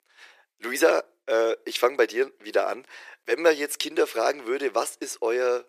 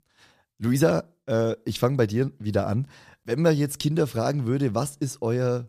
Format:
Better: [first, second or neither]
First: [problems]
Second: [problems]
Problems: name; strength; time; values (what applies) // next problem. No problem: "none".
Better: second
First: thin; very; fading below 350 Hz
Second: none